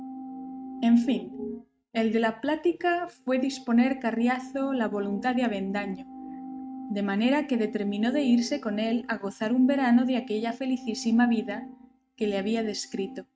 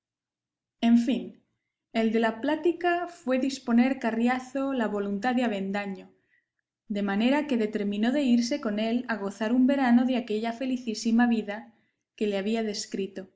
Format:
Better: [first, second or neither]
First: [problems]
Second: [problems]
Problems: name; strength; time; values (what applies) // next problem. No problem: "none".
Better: second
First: noise reduction (neural mask model RNNoise)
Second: none